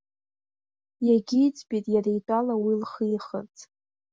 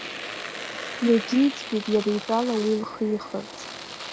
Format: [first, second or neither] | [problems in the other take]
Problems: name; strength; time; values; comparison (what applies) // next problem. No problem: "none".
first | background sound (Domestic sounds, home sounds); 10 dB below the speech